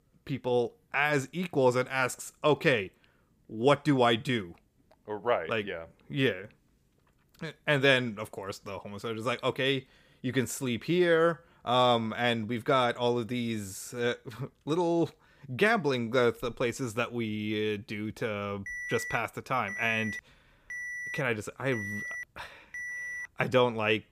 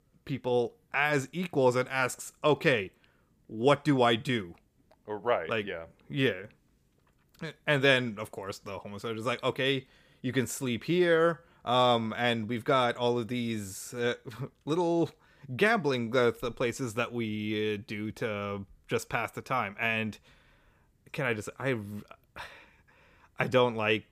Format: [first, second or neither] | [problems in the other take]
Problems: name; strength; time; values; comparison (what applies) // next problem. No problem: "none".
second | alarm; noticeable; from 19 to 23 s; peak 6 dB below the speech